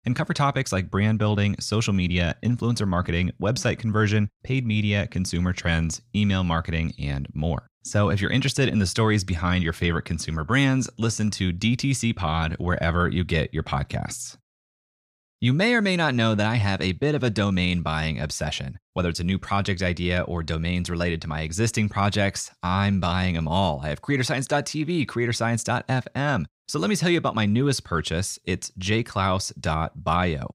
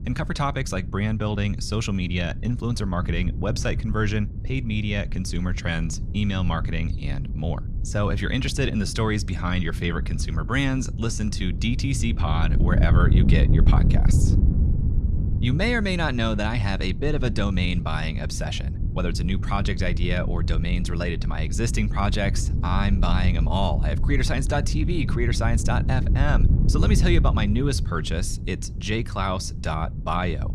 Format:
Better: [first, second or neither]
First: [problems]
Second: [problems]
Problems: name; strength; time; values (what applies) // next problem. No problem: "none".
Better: first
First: none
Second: wind noise on the microphone; occasional gusts; 10 dB below the speech